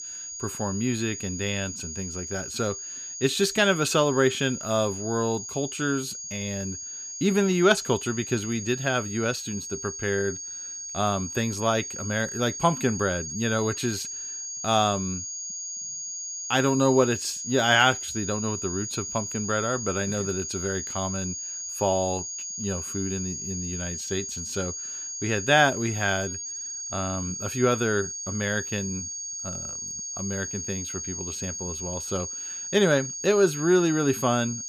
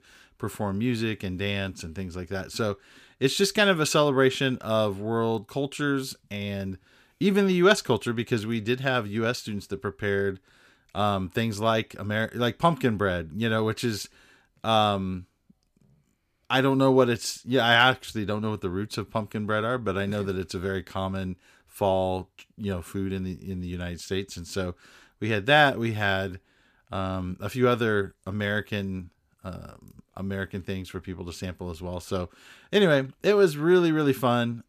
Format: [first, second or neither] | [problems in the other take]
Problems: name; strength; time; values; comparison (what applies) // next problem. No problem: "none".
second | high-pitched whine; loud; throughout; 6.5 kHz, 6 dB below the speech